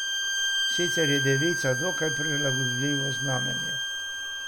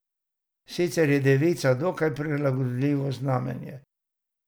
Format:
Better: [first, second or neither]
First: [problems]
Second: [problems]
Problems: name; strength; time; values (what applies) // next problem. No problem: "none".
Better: second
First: background sound (Bowed string instrument); 2 dB above the speech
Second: none